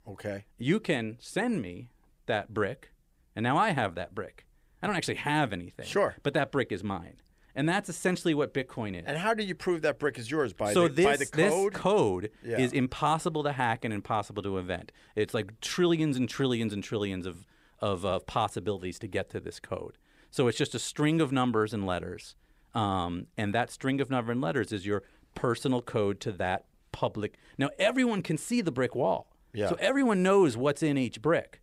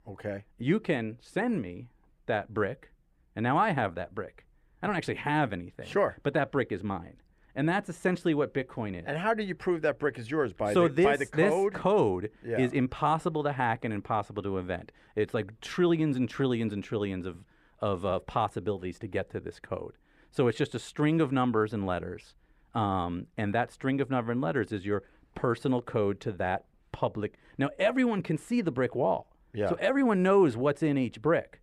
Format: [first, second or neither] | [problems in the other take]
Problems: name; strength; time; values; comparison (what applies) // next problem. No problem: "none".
first | muffled; slightly; fading above 3 kHz